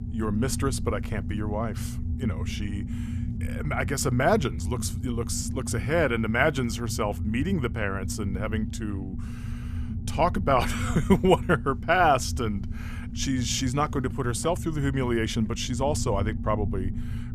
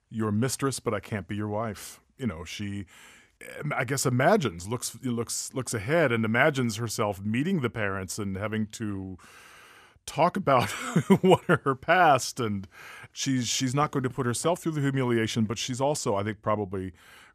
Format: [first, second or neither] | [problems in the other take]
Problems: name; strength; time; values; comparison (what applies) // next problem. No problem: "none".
second | low rumble; noticeable; throughout; 15 dB below the speech